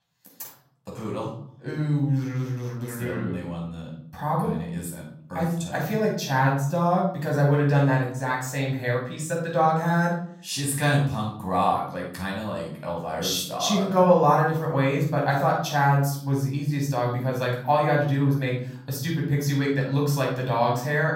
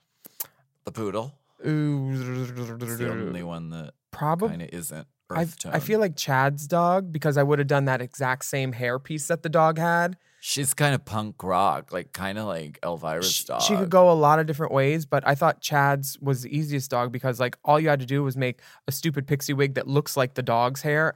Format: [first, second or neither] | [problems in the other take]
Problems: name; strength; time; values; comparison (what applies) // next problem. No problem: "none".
second | off-mic speech; far // room echo; noticeable; dies away in 0.6 s